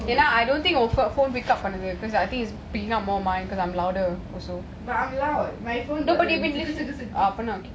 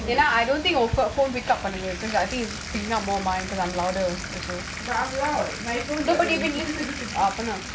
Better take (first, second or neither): first